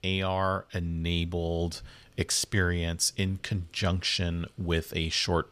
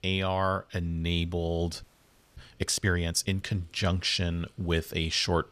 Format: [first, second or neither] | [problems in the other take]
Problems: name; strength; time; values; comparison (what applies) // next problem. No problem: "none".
first | audio freezing; at 2 s for 0.5 s